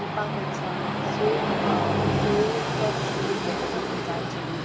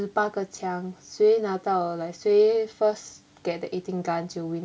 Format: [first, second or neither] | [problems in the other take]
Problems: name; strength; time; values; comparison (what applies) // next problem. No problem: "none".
second | background sound (Train); 5 dB above the speech